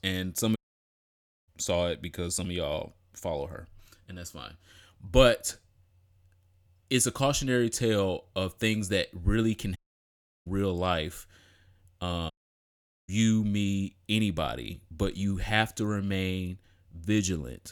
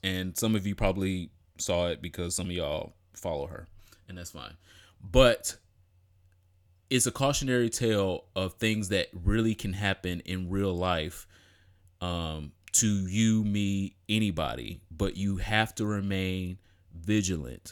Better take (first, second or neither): second